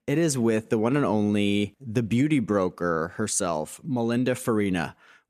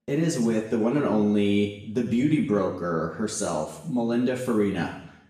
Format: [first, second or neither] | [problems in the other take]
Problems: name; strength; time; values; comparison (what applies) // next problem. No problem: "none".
first | room echo; noticeable; dies away in 0.8 s // off-mic speech; far